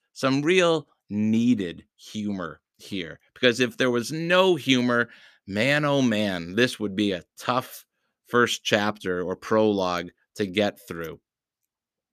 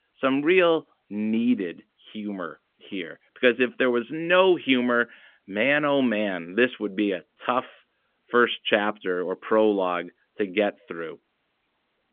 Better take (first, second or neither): first